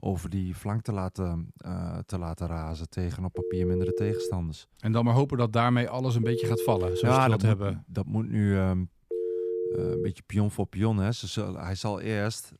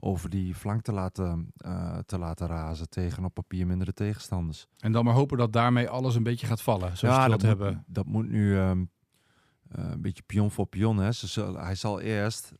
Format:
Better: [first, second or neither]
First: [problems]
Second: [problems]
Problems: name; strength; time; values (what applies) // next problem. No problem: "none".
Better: second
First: phone ringing; noticeable; from 3.5 to 10 s; peak 1 dB below the speech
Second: none